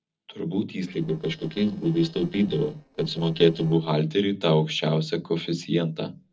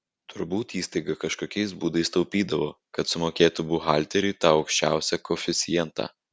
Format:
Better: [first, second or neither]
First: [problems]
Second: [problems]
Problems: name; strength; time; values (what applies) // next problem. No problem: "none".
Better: second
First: noise reduction (neural separator model SepFormer DNS4)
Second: none